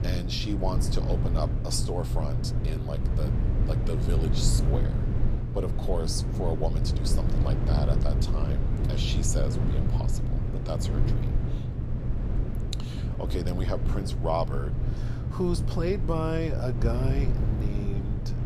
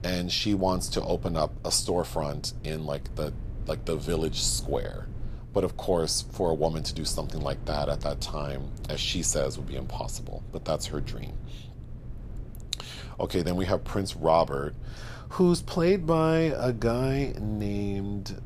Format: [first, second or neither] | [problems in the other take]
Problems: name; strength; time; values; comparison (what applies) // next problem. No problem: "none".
second | low rumble; loud; throughout; 5 dB below the speech; faint in the second